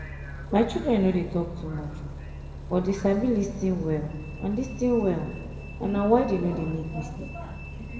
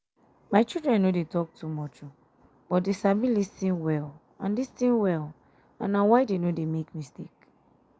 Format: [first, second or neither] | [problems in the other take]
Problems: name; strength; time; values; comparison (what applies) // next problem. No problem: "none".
second | background sound (Bus); 10 dB below the speech // room echo; dies away in 1.4 s